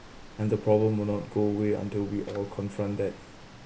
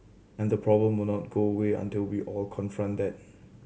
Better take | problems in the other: second | background sound (Drawer open or close + Water); 19 dB below the speech

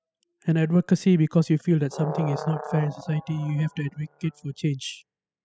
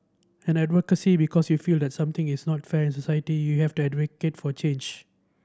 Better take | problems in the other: second | noise reduction (classical method spectral subtraction)

